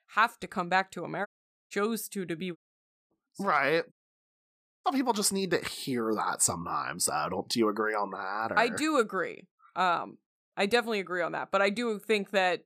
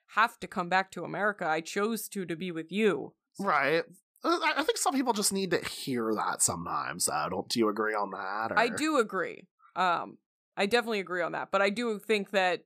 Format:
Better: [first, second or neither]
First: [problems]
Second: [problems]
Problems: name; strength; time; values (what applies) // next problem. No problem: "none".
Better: second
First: audio cutting out; at 1.5 s, at 2.5 s for 0.5 s and at 4 s for 1 s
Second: none